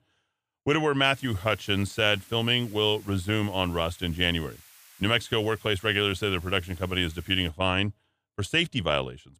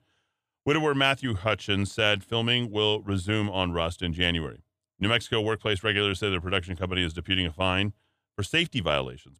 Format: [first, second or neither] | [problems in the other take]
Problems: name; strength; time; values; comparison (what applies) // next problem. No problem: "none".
second | hiss; faint; from 1 to 7.5 s; 25 dB below the speech